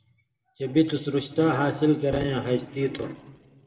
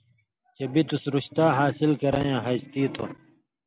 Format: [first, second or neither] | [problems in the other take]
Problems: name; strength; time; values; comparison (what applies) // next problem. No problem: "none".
second | room echo; dies away in 1.4 s